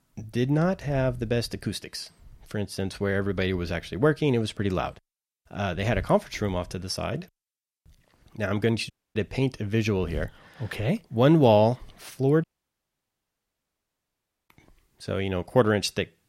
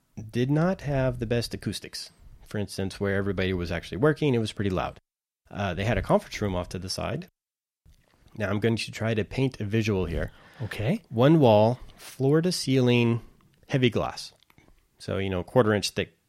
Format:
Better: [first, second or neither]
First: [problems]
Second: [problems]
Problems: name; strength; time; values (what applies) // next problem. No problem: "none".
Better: second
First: audio cutting out; at 9 s and at 12 s for 2 s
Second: none